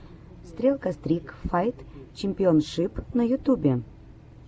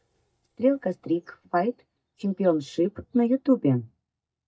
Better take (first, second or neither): first